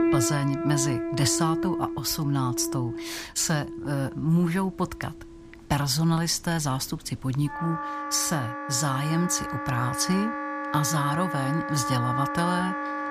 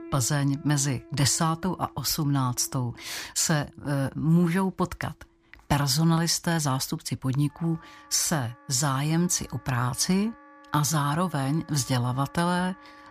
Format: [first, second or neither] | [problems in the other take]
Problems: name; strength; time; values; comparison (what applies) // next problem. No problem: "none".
second | background music; loud; throughout; 5 dB below the speech; faint in the second